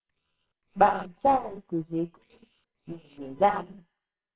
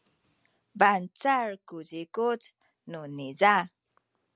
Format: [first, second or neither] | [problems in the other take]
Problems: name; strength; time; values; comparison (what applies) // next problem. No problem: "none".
second | noise reduction (neural separator model SepFormer WHAMR!)